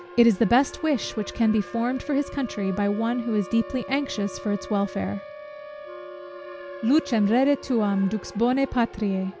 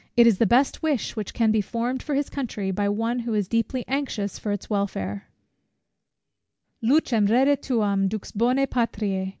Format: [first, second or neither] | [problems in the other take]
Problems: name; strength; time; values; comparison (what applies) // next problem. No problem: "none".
second | background sound (Siren + Wind instrument, woodwind instrument); 15 dB below the speech